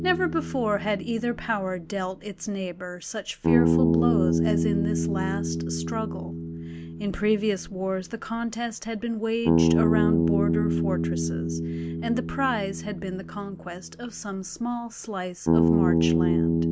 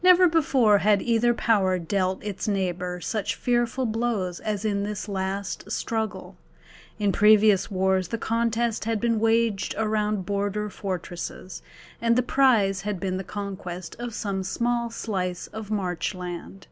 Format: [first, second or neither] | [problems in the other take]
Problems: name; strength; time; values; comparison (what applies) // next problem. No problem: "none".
second | background sound (Bass guitar); 4 dB above the speech